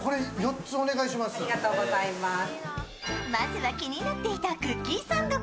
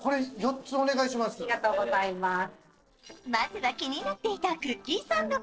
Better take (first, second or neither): first